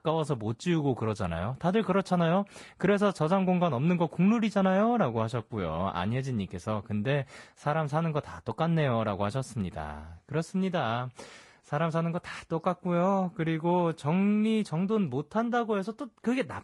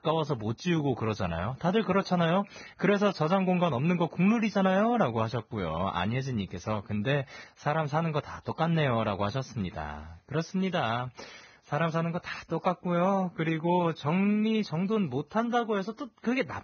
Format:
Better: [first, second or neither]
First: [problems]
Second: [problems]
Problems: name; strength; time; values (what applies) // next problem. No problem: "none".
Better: first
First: garbled, watery; slightly; nothing above 10.5 kHz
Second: garbled, watery; badly; nothing above 6.5 kHz